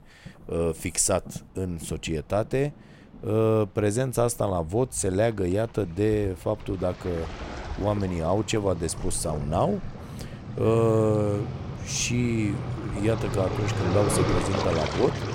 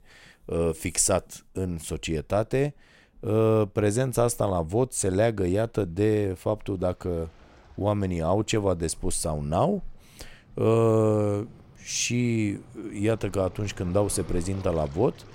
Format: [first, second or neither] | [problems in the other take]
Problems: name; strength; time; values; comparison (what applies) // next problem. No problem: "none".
second | rain or running water; loud; throughout; 6 dB below the speech; faint in the second